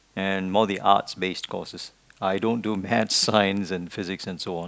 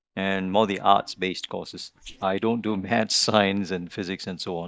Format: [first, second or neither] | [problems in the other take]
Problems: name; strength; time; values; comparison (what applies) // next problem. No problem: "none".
first | noise reduction (neural mask model DeepFilterNet 3)